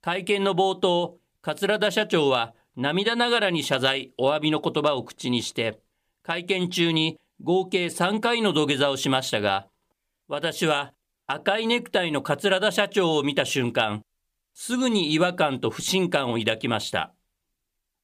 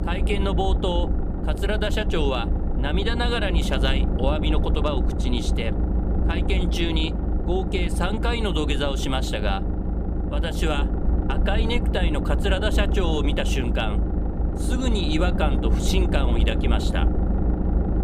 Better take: first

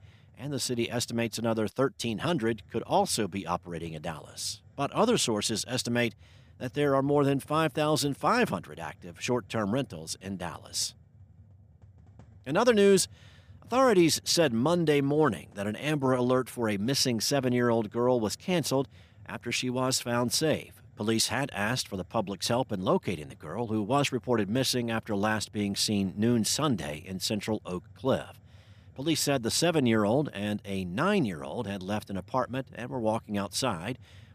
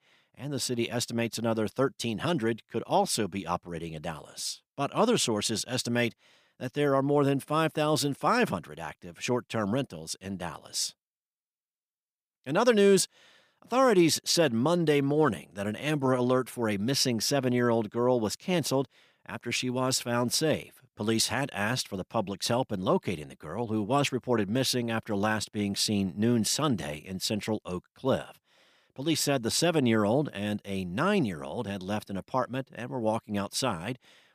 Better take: second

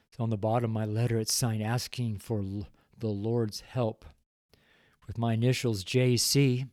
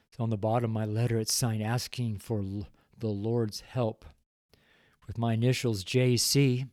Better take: neither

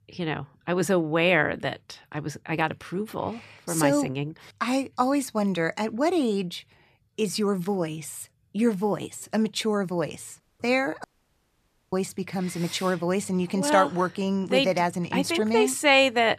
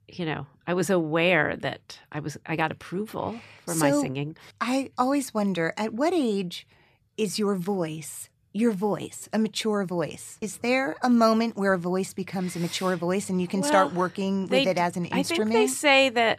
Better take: second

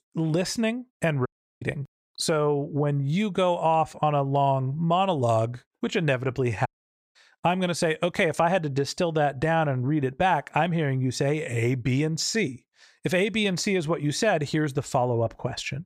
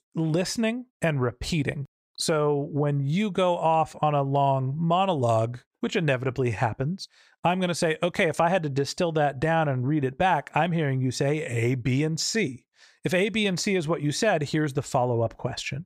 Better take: second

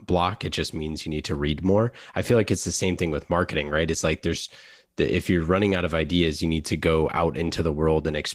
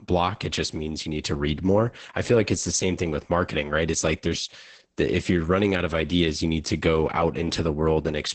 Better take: first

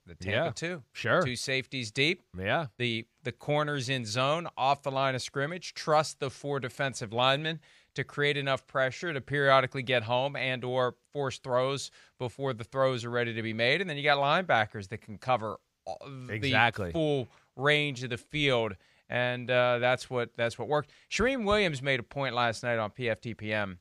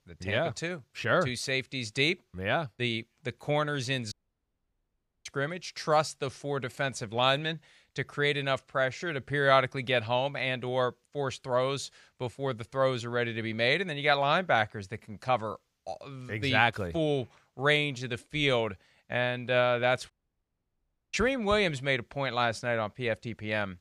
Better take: first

